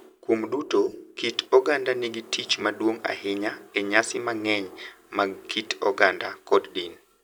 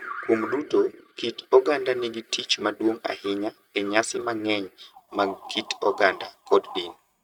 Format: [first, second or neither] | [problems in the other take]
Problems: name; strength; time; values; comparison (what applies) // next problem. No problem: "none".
first | noise reduction (neural mask model RNNoise)